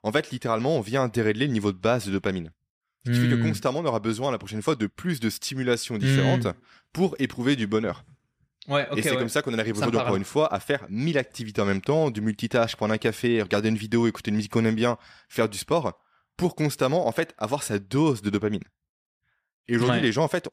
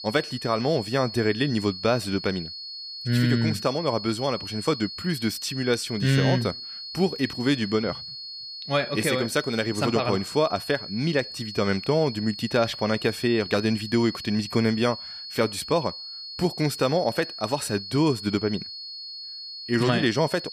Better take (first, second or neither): first